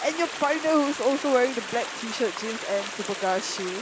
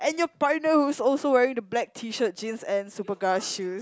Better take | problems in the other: second | background sound (Stream); 9 dB below the speech

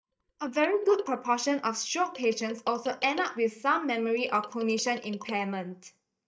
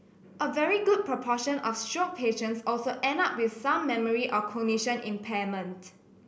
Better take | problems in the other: second | noise reduction (neural mask model DeepFilterNet 3)

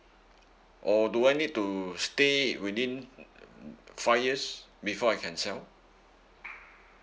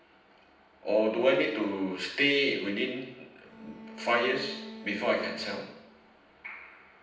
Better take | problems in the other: first | background sound (Bowed string instrument); 16 dB below the speech // room echo; dies away in 0.9 s

